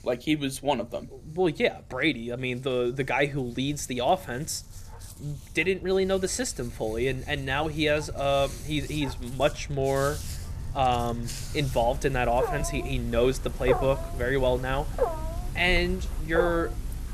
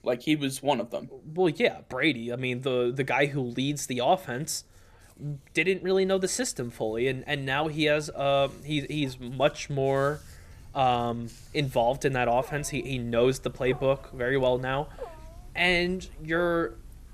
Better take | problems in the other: second | animal sounds; loud; throughout; 8 dB below the speech; faint in the second

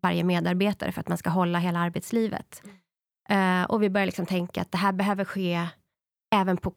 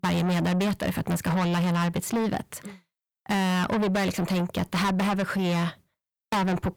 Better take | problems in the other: first | distortion; heavy; 6 dB below the speech

